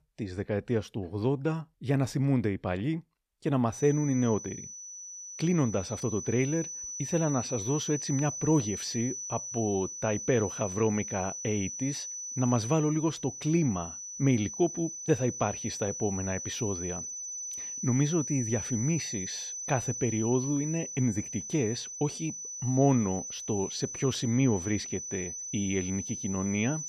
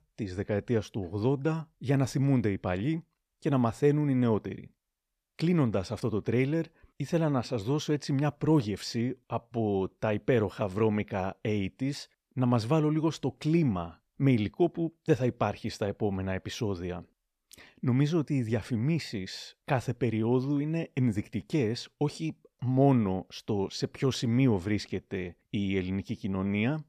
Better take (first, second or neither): second